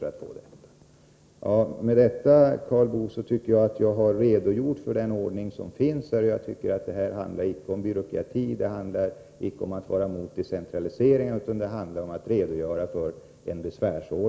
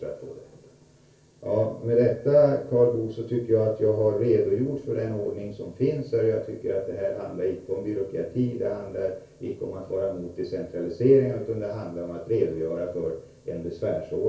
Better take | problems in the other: first | room echo; dies away in 0.3 s

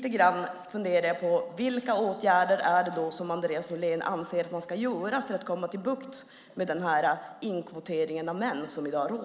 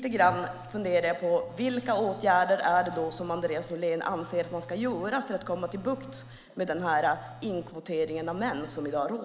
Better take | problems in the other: first | background sound (Bowed string instrument + Telephone); 20 dB below the speech

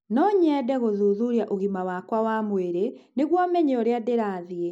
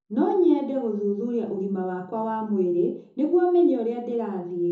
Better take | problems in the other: first | room echo; dies away in 0.6 s

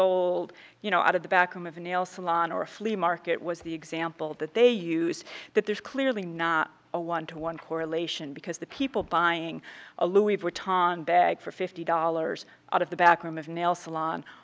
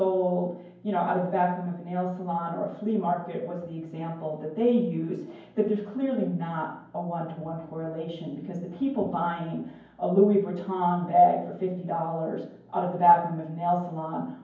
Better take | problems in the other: first | room echo; dies away in 0.9 s

